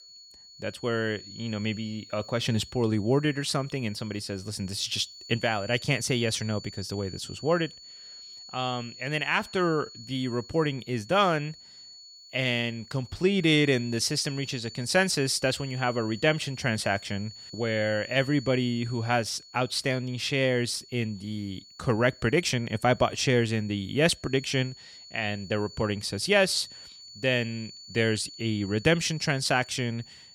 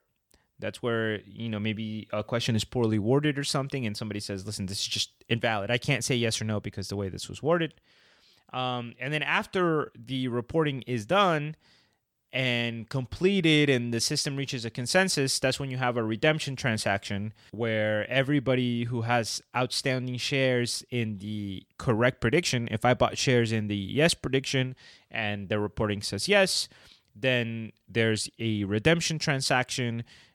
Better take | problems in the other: second | high-pitched whine; noticeable; throughout; 4.5 kHz, 15 dB below the speech

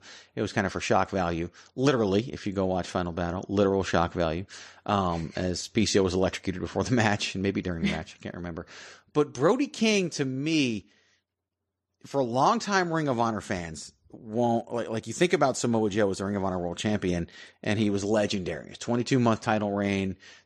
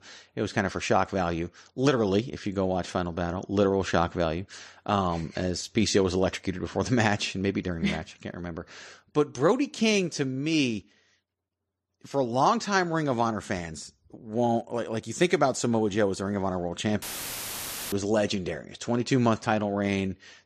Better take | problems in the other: first | audio cutting out; filled with static; at 17 s for 1 s

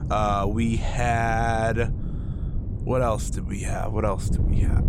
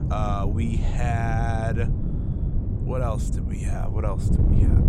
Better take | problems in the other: first | wind noise on the microphone; heavy; 6 dB below the speech; occasional gusts in the first

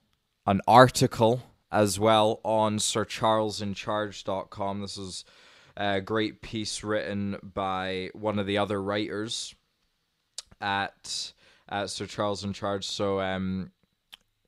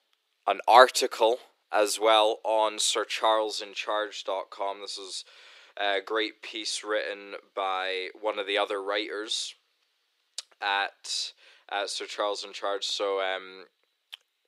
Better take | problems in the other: first | thin; very; fading below 350 Hz

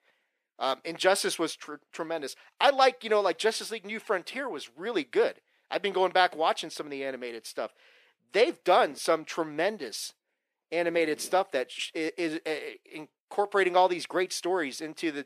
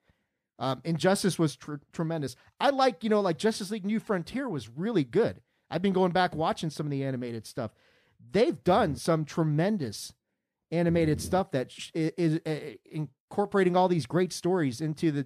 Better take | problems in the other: second | thin; very; fading below 400 Hz

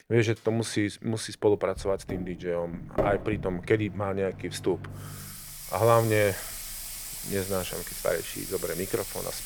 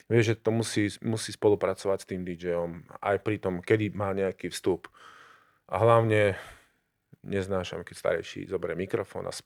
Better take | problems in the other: second | household noises; loud; throughout; 8 dB below the speech

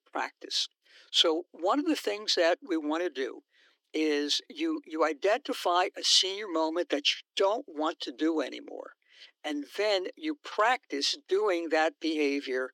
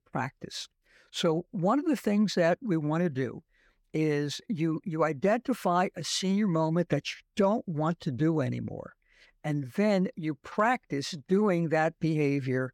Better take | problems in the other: second | thin; somewhat; fading below 300 Hz

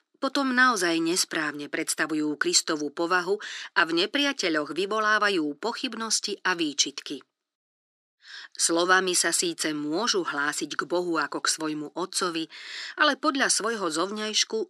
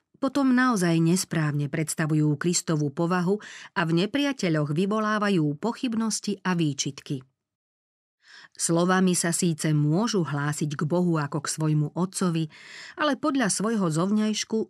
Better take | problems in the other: second | thin; somewhat; fading below 300 Hz

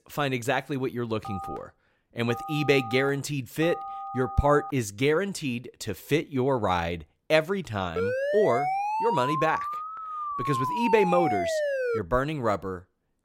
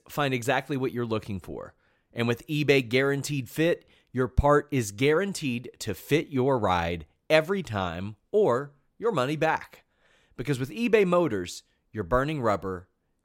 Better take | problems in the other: second | phone ringing; noticeable; from 1 to 4.5 s; peak 9 dB below the speech // siren; loud; from 8 to 12 s; peak level with the speech

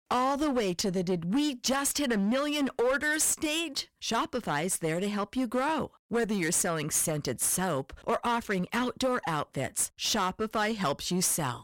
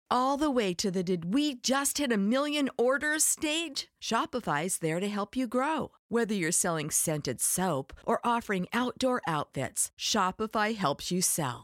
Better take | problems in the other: second | distortion; slight; 11% of the sound clipped

